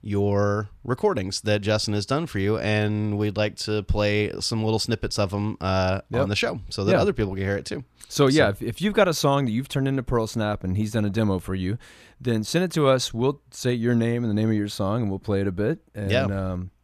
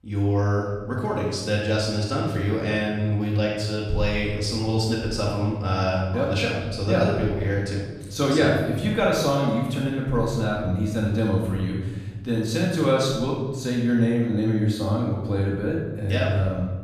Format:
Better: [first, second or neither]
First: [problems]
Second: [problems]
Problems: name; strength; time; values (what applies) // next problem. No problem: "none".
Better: first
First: none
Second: off-mic speech; far // room echo; noticeable; dies away in 1.2 s